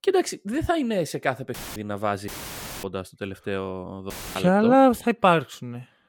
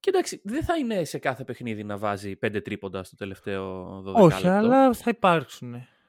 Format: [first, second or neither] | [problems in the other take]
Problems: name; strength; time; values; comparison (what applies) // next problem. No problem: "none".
second | audio cutting out; filled with static; at 1.5 s, at 2.5 s for 0.5 s and at 4 s